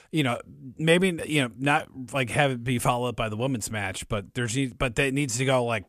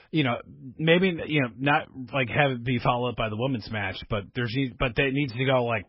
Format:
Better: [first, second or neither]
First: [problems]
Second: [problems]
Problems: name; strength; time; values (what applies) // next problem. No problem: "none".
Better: first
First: none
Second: garbled, watery; badly; nothing above 5.5 kHz